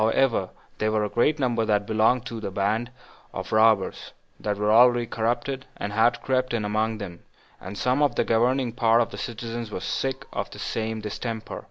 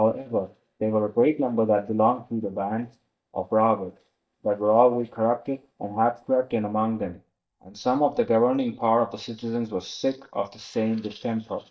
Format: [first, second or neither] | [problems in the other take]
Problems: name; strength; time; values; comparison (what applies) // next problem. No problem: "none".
first | noise reduction (neural mask model DeepFilterNet 3)